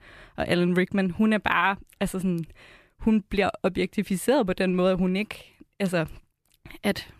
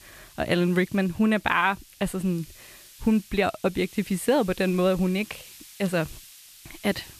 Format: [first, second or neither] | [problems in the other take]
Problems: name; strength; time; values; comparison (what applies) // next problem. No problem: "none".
first | hiss; faint; throughout; 20 dB below the speech